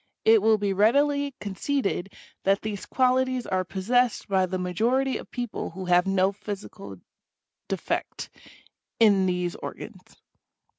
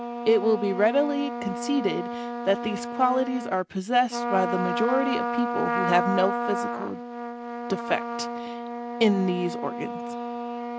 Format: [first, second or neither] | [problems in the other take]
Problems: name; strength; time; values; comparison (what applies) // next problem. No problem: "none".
first | background sound (Trumpet); 4 dB below the speech